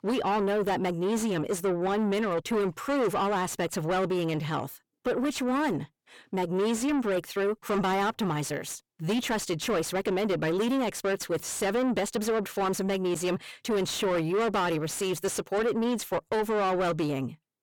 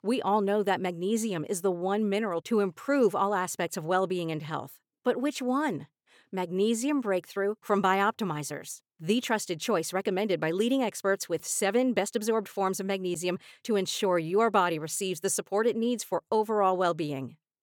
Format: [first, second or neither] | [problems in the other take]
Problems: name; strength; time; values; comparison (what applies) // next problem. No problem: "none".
second | distortion; heavy; 7 dB below the speech